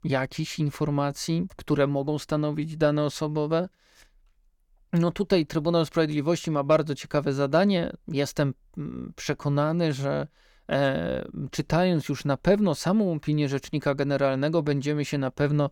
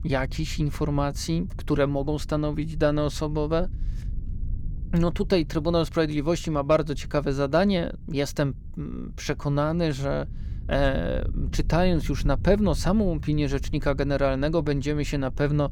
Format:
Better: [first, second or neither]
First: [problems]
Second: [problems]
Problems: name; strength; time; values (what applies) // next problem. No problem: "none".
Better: first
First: none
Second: low rumble; faint; throughout; 25 dB below the speech